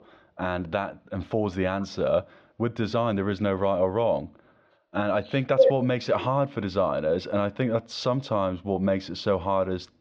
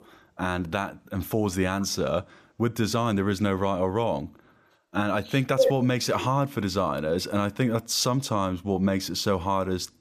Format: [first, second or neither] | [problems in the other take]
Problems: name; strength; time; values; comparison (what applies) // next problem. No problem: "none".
second | muffled; slightly; fading above 4 kHz